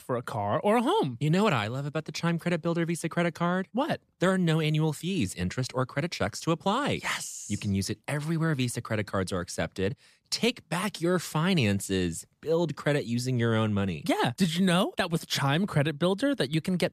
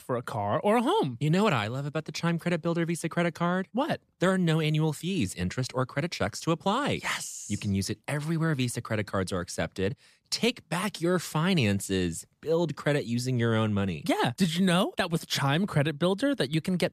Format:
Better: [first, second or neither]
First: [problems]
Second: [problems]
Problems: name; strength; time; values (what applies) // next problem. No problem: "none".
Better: neither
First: none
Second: none